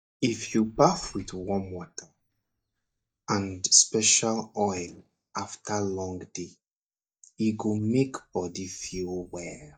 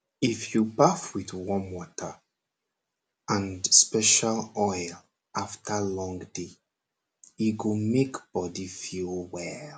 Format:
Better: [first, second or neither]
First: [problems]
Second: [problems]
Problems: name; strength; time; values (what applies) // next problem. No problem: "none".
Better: second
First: noise reduction (neural mask model DeepFilterNet 3)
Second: none